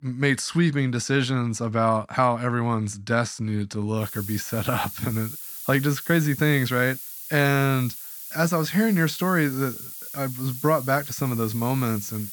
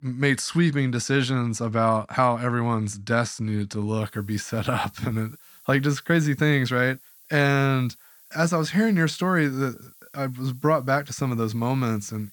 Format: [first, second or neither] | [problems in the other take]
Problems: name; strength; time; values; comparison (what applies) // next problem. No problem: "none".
second | hiss; loud; from 4 s on; 10 dB below the speech; faint in the second